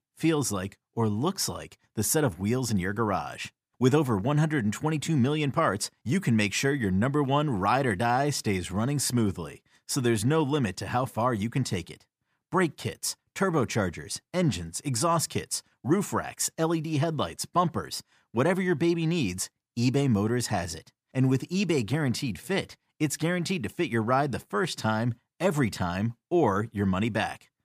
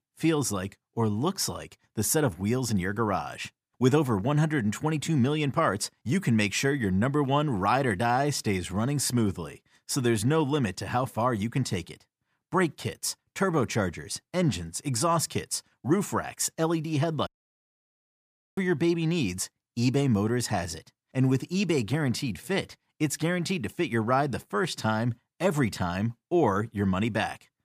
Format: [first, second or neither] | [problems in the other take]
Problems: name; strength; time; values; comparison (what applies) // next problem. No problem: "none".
first | audio cutting out; at 17 s for 1.5 s